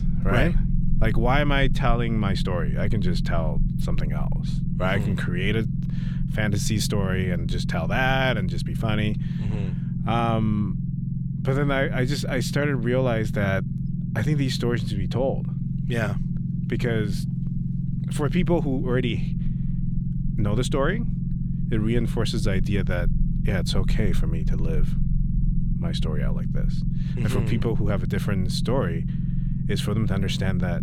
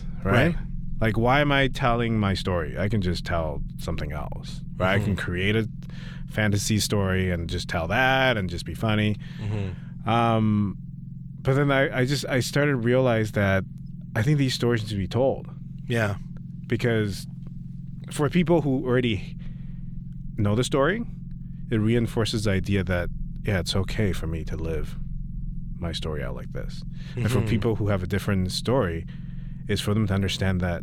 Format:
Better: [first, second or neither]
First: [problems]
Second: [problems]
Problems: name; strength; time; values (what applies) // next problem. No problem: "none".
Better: second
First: low rumble; loud; throughout; 9 dB below the speech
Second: low rumble; faint; throughout; 20 dB below the speech